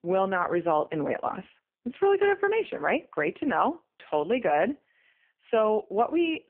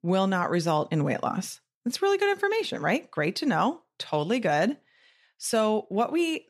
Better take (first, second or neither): second